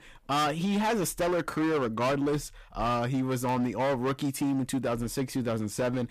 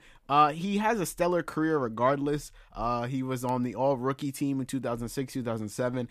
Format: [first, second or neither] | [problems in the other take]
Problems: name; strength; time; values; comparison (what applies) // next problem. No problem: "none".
second | distortion; heavy; 19% of the sound clipped